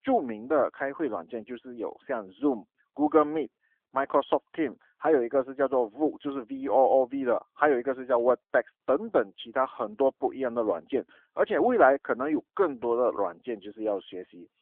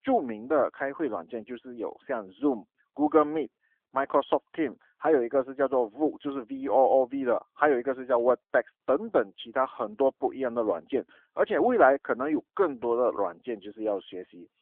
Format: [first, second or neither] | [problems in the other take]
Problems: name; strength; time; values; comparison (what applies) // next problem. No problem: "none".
neither | phone-call audio; nothing above 3.5 kHz; the same in both